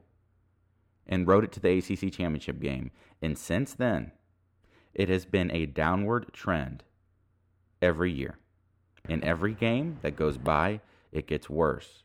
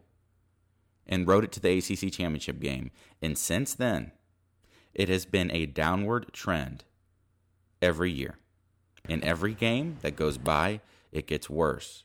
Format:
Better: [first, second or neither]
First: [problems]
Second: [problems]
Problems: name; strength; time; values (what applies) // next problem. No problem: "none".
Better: second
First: muffled; slightly; fading above 3.5 kHz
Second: none